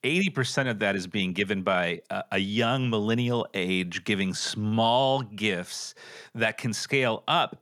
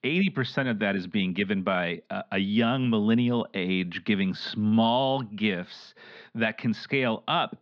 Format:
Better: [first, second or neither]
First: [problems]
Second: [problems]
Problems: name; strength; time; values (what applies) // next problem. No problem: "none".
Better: first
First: none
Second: muffled; very slightly; fading above 4 kHz